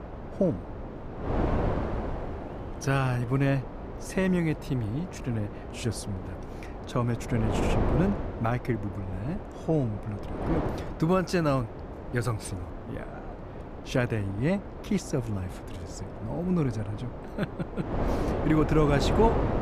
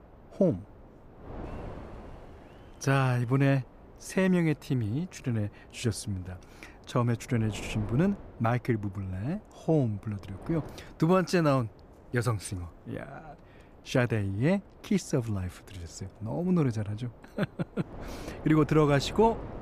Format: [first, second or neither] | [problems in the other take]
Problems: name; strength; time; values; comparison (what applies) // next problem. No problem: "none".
second | wind noise on the microphone; heavy; 5 dB below the speech; occasional gusts in the second